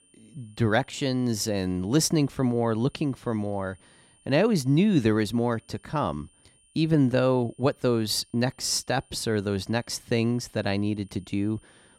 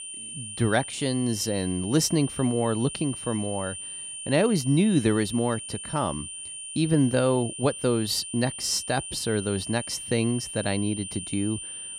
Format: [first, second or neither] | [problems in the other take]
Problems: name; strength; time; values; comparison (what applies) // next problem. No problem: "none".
first | high-pitched whine; loud; throughout; 9 kHz, 9 dB below the speech; faint in the first